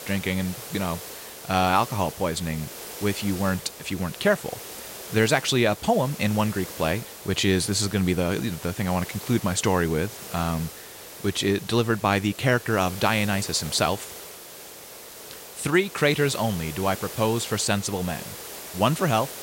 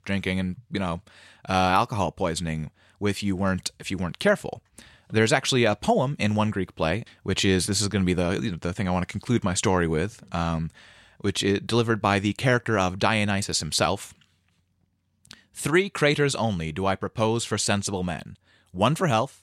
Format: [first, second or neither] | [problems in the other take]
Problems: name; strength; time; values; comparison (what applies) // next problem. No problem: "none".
second | hiss; noticeable; throughout; 15 dB below the speech